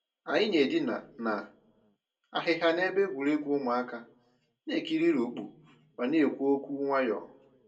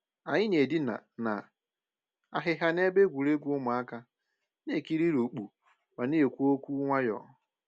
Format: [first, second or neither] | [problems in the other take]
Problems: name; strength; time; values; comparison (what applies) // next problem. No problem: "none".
second | room echo; dies away in 0.2 s